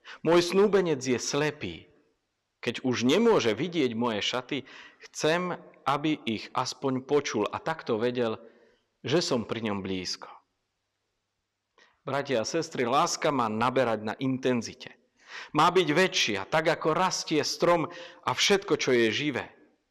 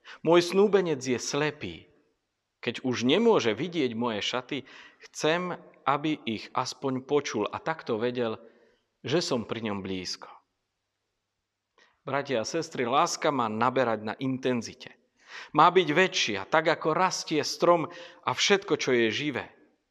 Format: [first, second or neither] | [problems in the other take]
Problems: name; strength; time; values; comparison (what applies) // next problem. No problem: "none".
second | distortion; slight; 1.9% of the sound clipped